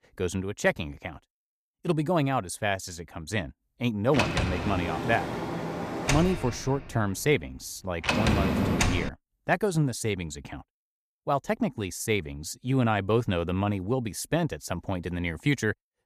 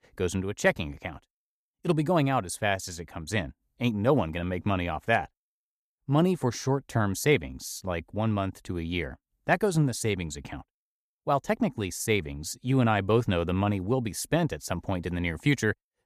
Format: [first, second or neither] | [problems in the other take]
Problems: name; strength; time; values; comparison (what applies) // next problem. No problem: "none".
second | door banging; loud; from 4 to 9 s; peak 4 dB above the speech